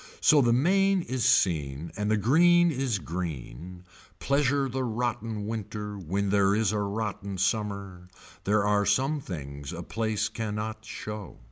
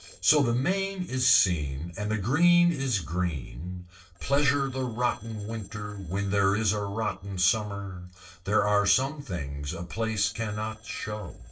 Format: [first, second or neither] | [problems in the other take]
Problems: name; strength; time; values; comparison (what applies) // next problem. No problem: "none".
first | noise reduction (neural separator model SepFormer DNS4)